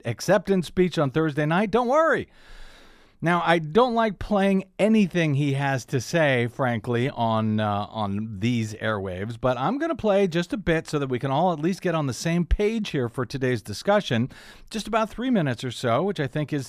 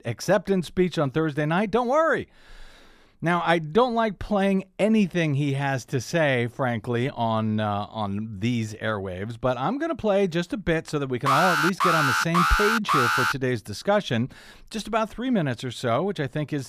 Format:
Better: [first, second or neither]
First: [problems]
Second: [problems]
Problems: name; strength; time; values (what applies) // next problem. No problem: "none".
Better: first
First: none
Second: alarm; loud; from 11 to 13 s; peak 4 dB above the speech